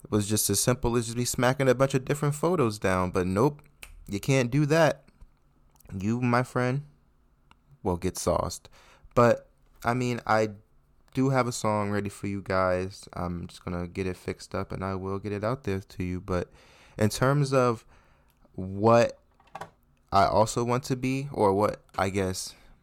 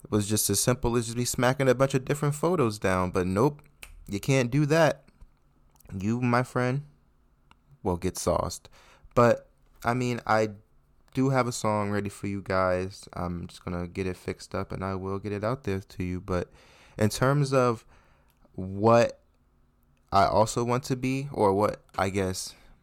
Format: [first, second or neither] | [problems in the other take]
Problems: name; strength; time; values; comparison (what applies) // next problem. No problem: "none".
second | phone ringing; faint; at 20 s; peak 15 dB below the speech